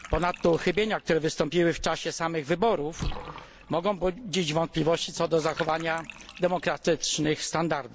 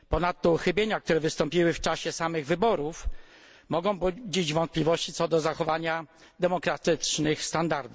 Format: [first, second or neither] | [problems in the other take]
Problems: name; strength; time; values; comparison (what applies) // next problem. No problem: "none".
second | background sound (Bathtub (filling or washing) / Water); 18 dB below the speech